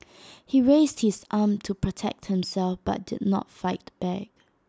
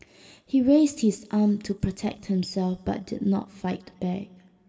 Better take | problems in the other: first | room echo; dies away in 1.3 s

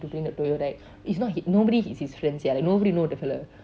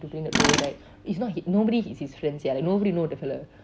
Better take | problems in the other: first | background sound (Tools); 4 dB below the speech

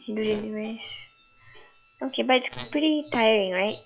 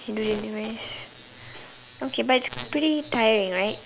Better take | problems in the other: second | noise reduction (classical method log-MMSE)

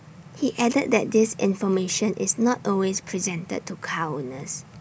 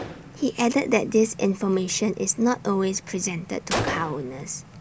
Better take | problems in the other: first | background sound (Gunshot, gunfire); 12 dB below the speech

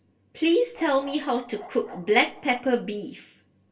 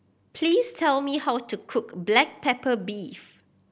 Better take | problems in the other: second | background sound (Bark); 19 dB below the speech // room echo; dies away in 0.2 s

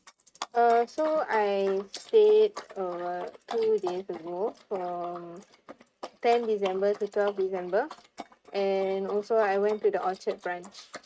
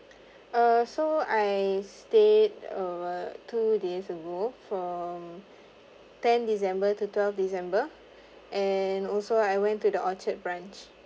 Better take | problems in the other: second | noise reduction (neural mask model RNNoise)

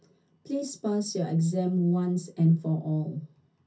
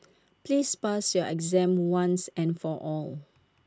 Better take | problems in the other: second | room echo; dies away in 0.3 s

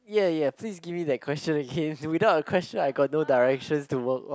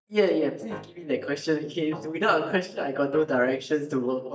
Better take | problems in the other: first | noise reduction (neural mask model DeepFilterNet 3)

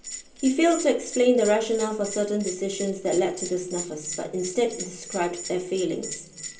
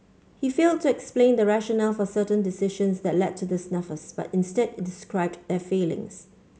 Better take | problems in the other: second | background sound (Bell); 12 dB below the speech // room echo; dies away in 0.3 s

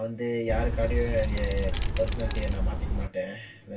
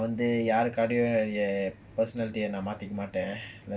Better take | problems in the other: second | background sound (Wind); 4 dB above the speech // room echo; dies away in 0.1 s

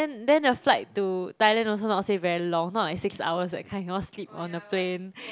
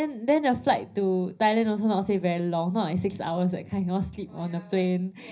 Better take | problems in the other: first | room echo; dies away in 0.5 s

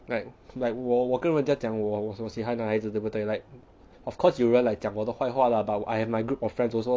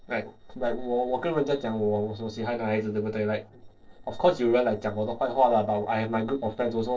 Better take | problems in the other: first | noise reduction (neural separator model SepFormer DNS4)

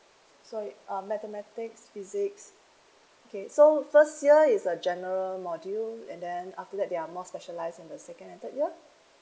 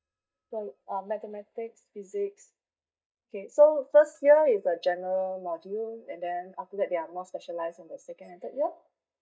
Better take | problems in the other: first | noise reduction (neural mask model DeepFilterNet 3)

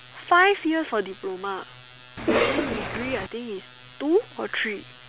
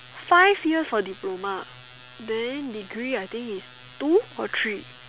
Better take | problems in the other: second | background sound (Cough); as loud as the speech

